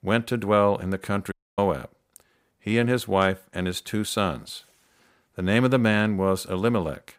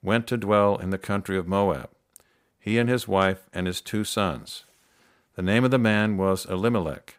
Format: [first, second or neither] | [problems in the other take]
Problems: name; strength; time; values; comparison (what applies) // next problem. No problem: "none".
second | audio cutting out; at 1.5 s